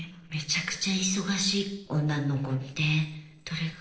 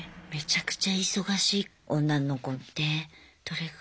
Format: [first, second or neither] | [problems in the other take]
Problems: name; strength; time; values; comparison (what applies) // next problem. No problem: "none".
second | noise reduction (neural separator model SepFormer DNS4)